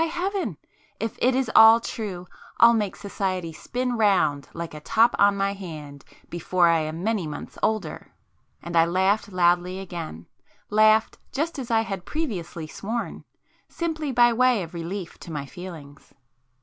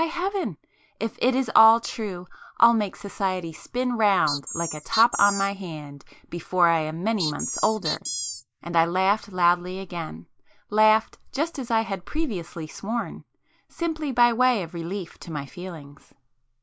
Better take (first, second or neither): first